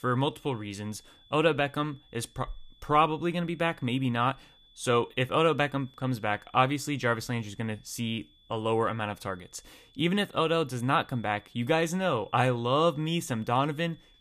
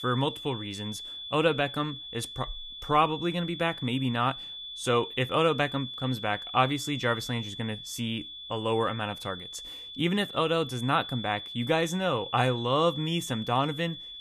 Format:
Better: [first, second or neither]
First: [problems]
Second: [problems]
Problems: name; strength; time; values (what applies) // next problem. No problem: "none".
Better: first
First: high-pitched whine; faint; throughout; 3.5 kHz, 30 dB below the speech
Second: high-pitched whine; loud; throughout; 3.5 kHz, 9 dB below the speech